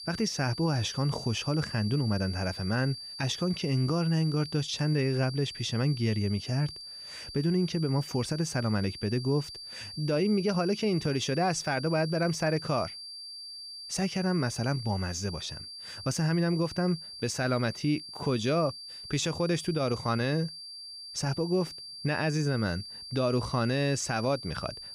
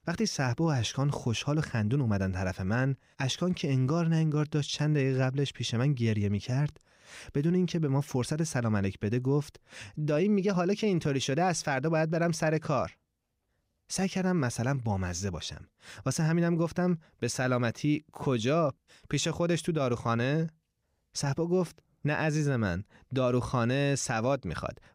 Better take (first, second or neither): second